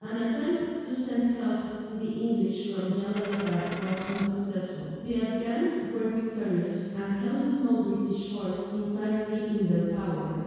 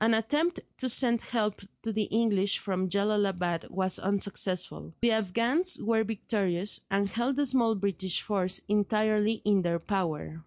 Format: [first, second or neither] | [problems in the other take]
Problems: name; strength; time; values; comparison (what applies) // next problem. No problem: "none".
second | background sound (Coin (dropping)); 12 dB below the speech // room echo; dies away in 2 s